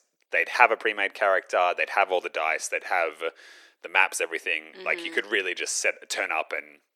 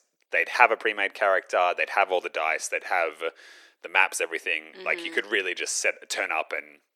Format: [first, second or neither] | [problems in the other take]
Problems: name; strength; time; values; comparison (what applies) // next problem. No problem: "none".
neither | thin; very; fading below 400 Hz; the same in both